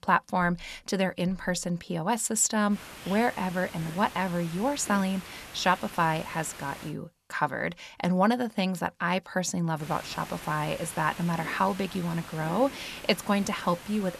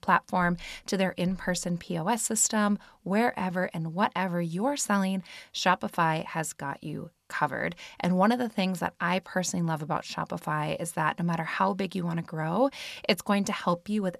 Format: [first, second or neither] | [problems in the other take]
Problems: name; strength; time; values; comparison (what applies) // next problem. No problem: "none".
second | hiss; noticeable; from 2.5 to 7 s and from 10 s on; 15 dB below the speech